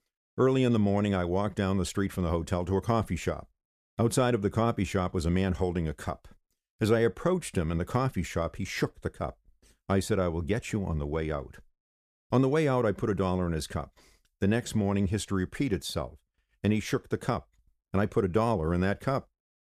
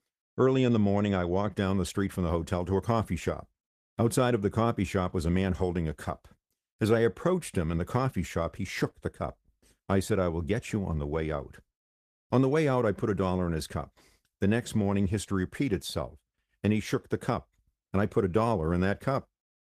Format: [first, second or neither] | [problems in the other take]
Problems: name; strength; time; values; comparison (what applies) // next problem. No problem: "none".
first | garbled, watery; slightly; nothing above 14.5 kHz